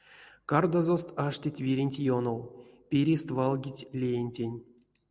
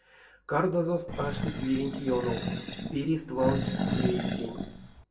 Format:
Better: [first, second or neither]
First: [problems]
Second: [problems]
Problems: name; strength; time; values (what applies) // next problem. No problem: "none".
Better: first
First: none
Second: background sound (Animal); 2 dB below the speech // room echo; dies away in 0.2 s